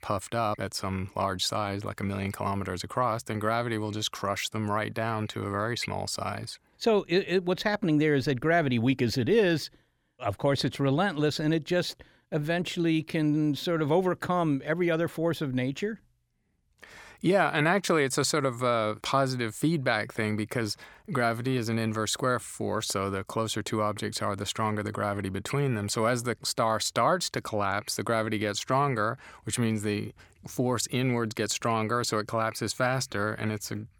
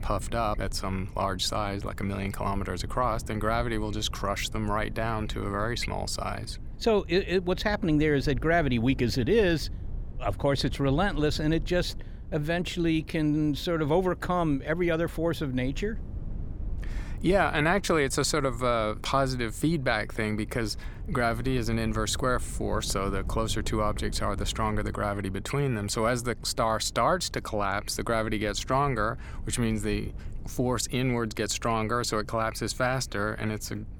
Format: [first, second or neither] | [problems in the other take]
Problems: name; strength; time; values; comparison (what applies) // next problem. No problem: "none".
first | wind noise on the microphone; occasional gusts; 25 dB below the speech